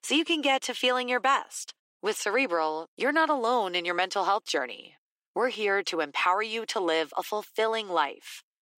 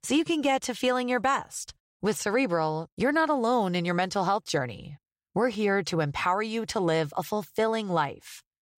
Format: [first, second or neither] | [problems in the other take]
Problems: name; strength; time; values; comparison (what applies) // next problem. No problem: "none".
second | thin; somewhat; fading below 300 Hz